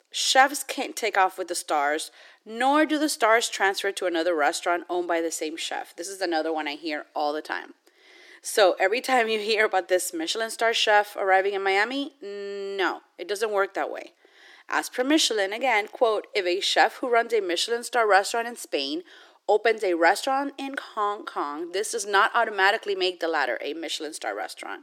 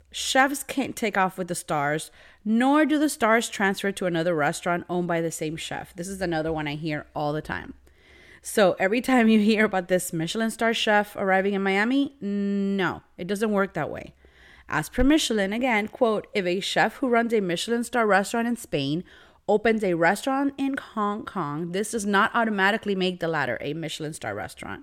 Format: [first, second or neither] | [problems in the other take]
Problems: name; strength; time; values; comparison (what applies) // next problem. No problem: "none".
second | thin; somewhat; fading below 350 Hz